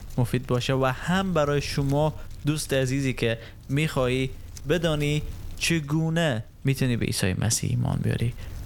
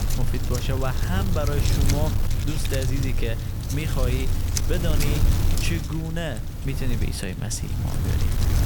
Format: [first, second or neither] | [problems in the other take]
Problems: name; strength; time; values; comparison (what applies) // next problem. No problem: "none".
first | wind noise on the microphone; heavy; 2 dB below the speech; occasional gusts in the first